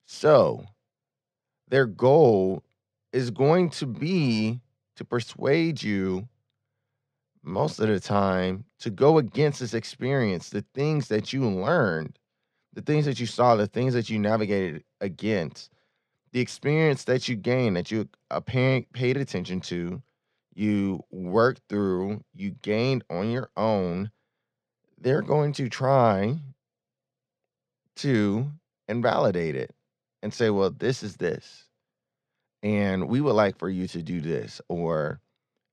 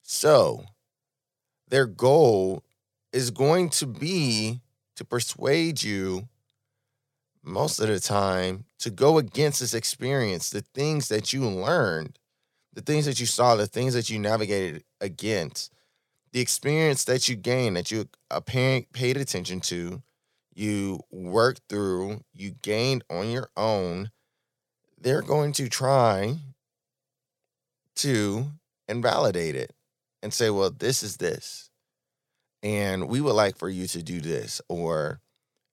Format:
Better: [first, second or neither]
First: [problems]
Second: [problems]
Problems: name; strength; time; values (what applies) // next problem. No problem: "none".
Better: second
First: muffled; slightly; fading above 3 kHz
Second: none